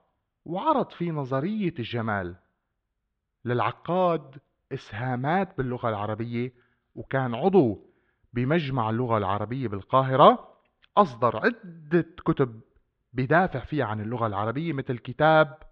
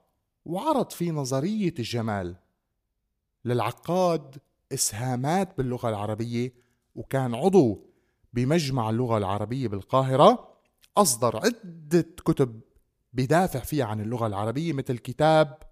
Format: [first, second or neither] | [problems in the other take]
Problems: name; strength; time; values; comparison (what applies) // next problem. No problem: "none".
second | muffled; very; fading above 3.5 kHz